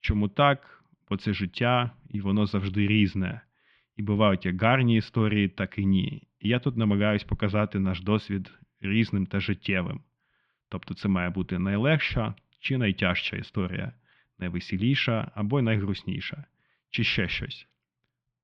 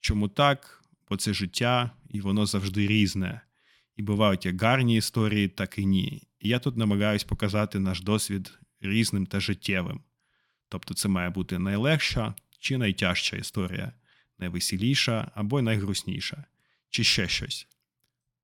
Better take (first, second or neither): second